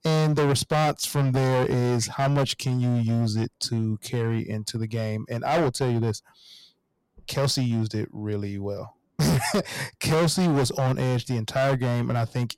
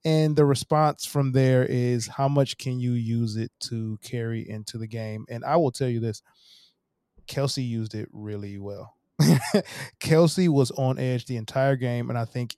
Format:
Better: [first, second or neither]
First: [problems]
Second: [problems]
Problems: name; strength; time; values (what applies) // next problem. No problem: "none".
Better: second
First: distortion; heavy; 16% of the sound clipped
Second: none